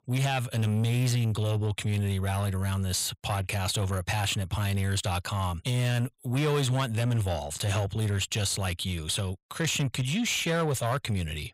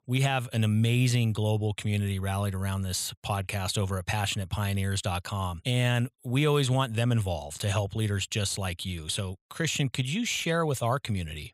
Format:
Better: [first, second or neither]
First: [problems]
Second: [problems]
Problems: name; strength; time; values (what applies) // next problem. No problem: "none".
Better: second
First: distortion; slight; 10 dB below the speech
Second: none